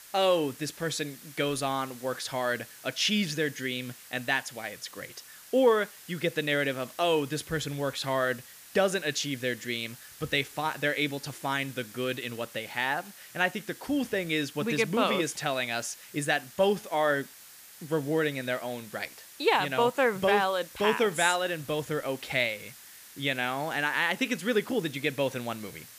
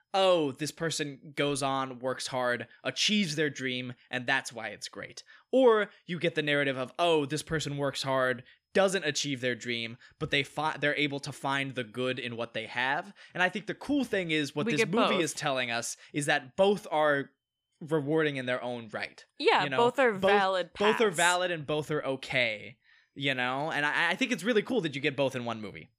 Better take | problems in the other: second | hiss; noticeable; throughout; 20 dB below the speech

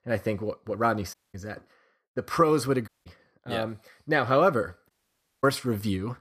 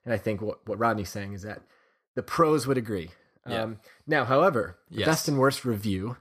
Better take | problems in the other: second | audio cutting out; at 1 s, at 3 s and at 5 s for 0.5 s

